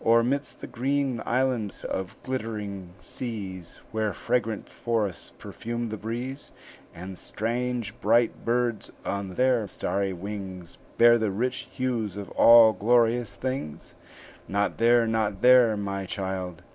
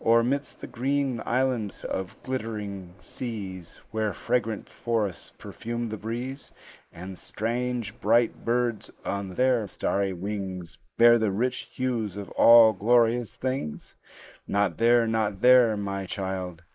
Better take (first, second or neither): first